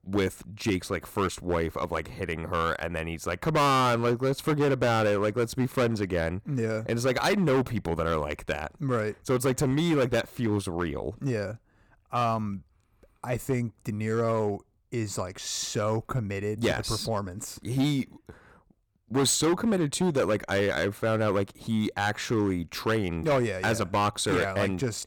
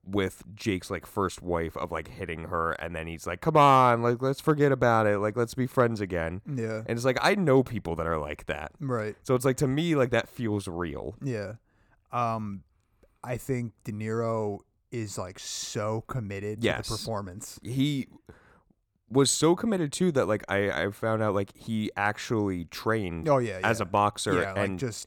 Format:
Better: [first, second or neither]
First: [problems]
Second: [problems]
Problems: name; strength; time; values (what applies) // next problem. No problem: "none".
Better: second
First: distortion; heavy; 8% of the sound clipped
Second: none